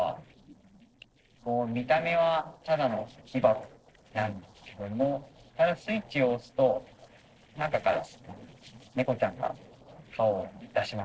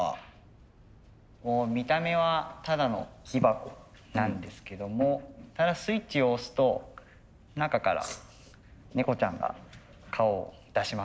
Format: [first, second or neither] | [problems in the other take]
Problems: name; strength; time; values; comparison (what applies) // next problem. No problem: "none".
second | noise reduction (neural separator model SepFormer DNS4)